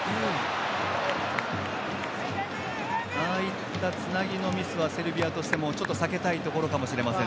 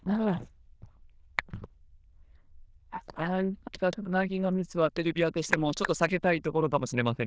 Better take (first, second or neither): first